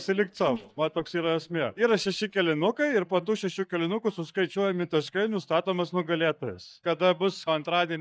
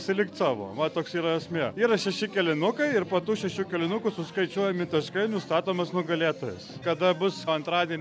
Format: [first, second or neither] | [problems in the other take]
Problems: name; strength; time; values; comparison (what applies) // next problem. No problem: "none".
second | noise reduction (neural mask model DeepFilterNet 3)